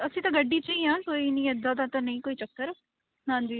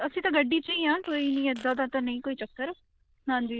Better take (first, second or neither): first